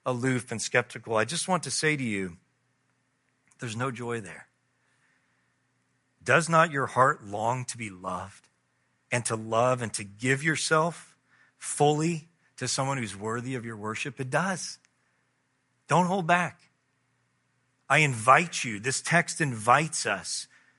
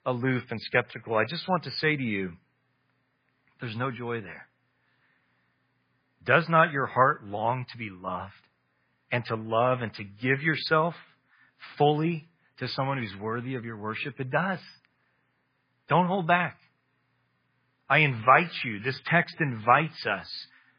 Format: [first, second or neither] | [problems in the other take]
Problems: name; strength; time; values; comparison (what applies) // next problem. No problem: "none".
first | garbled, watery; badly; nothing above 4.5 kHz; slightly in the first